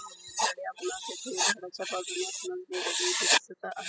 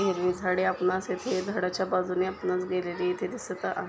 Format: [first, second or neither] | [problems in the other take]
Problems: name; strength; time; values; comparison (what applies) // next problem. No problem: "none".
second | noise reduction (classical method spectral subtraction)